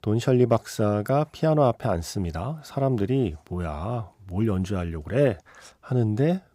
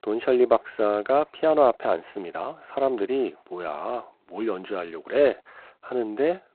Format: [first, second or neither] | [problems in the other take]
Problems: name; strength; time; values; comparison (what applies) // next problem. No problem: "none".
first | phone-call audio; poor line; nothing above 4 kHz